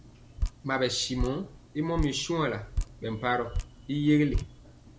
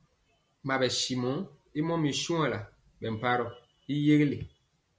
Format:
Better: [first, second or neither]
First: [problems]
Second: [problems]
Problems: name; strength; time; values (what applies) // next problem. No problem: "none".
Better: second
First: background sound (Drip); 6 dB below the speech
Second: none